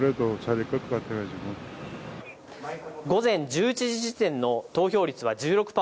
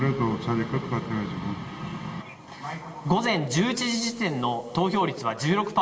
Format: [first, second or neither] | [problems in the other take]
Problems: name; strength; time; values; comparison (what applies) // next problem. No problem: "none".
first | room echo; dies away in 2.1 s